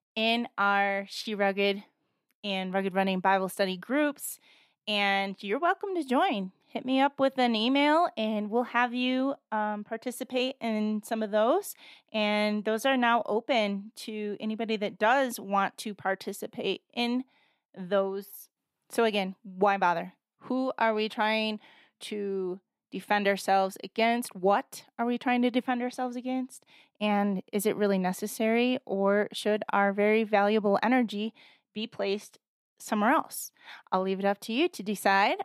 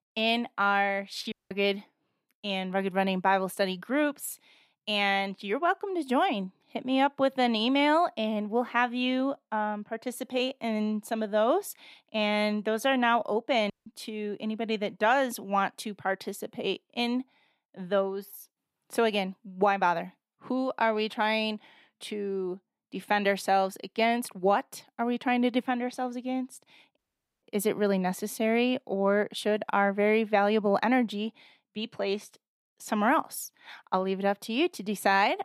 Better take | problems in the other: first | audio cutting out; at 1.5 s, at 14 s and at 27 s

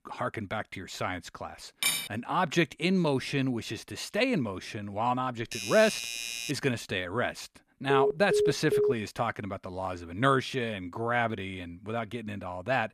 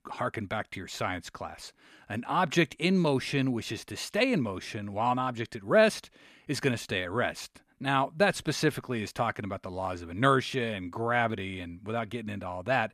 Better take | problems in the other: second | clattering dishes; loud; at 2 s; peak 3 dB above the speech // doorbell; noticeable; from 5.5 to 6.5 s; peak 3 dB below the speech // phone ringing; loud; from 8 to 9 s; peak 3 dB above the speech

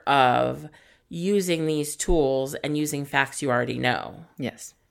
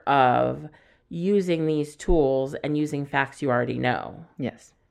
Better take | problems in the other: first | muffled; slightly; fading above 1.5 kHz

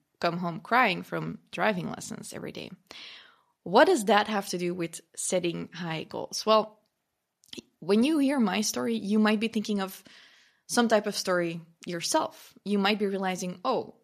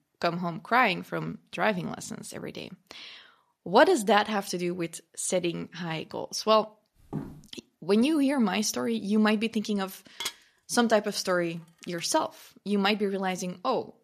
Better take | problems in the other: first | footsteps; faint; at 7 s; peak 10 dB below the speech // clattering dishes; noticeable; from 10 to 12 s; peak 8 dB below the speech

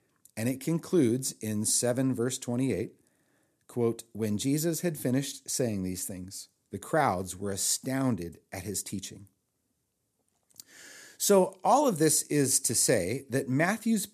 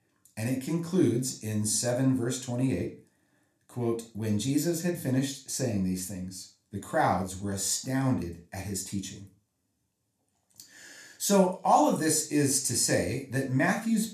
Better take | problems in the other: first | room echo; slight; dies away in 0.3 s // off-mic speech; somewhat distant

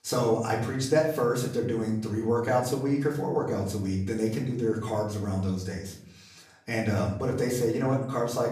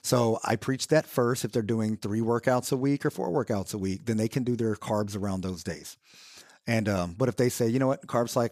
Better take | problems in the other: second | room echo; slight; dies away in 0.7 s // off-mic speech; far

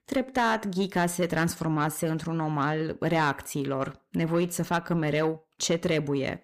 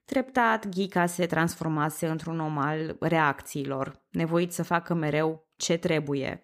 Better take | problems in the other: second | distortion; slight; 10 dB below the speech

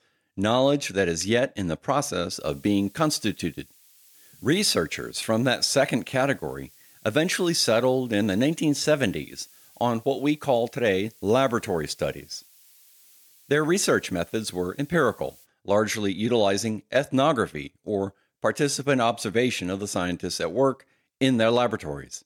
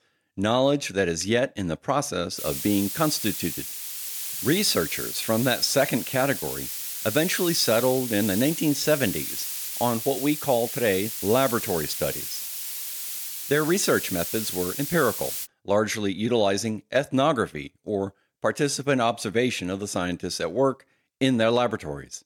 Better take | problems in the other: first | hiss; loud; from 2.5 to 15 s; 5 dB below the speech; faint in the first

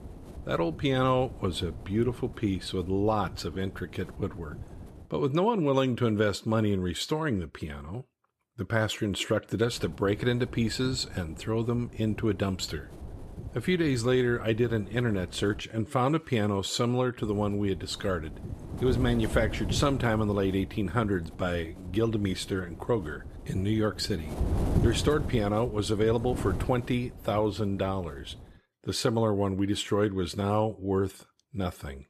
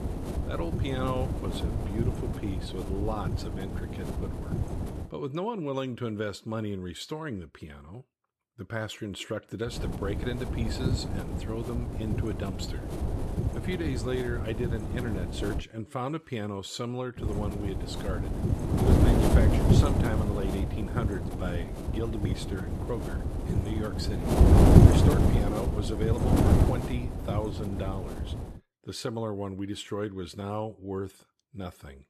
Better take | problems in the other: first | wind noise on the microphone; heavy; until 5 s, from 9.5 to 16 s and from 17 to 29 s; 2 dB above the speech; occasional gusts in the first

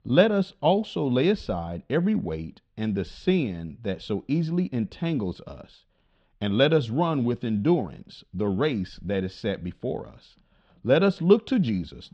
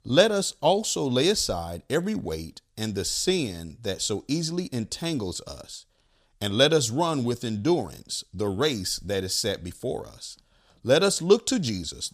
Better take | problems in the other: second | muffled; very; fading above 3 kHz

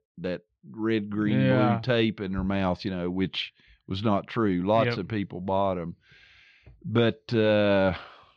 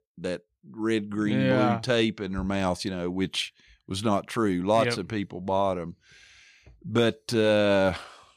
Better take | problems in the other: second | muffled; very slightly; fading above 4 kHz

